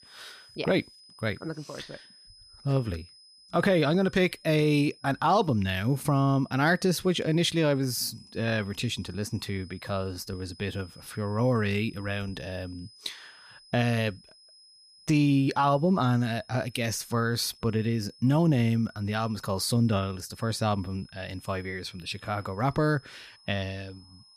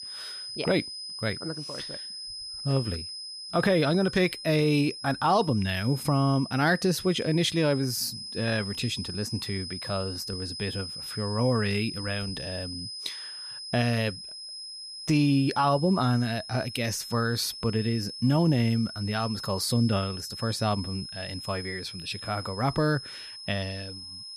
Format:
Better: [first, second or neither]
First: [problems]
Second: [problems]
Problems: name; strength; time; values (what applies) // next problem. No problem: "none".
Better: first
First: high-pitched whine; faint; throughout; 5 kHz, 25 dB below the speech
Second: high-pitched whine; loud; throughout; 5 kHz, 9 dB below the speech